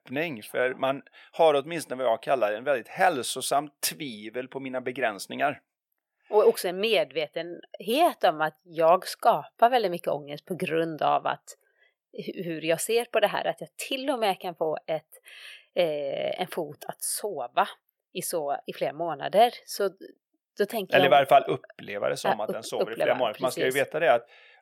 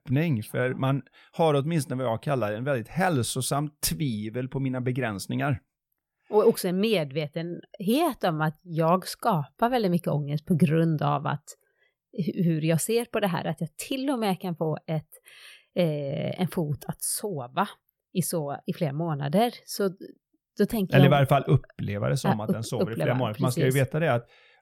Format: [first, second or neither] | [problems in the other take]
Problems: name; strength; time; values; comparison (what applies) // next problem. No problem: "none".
second | thin; very; fading below 400 Hz